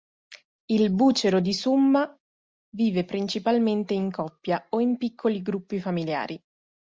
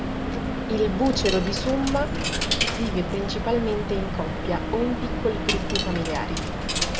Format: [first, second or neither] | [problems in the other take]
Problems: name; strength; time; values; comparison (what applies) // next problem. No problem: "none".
first | background sound (Coin (dropping)); 1 dB above the speech // room echo; dies away in 2.6 s